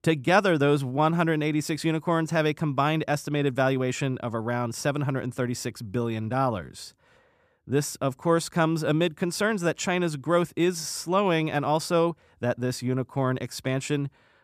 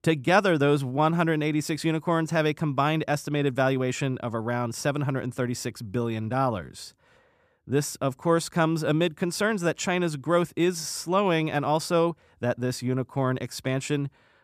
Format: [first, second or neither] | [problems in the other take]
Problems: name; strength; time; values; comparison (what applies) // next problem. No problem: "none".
neither | none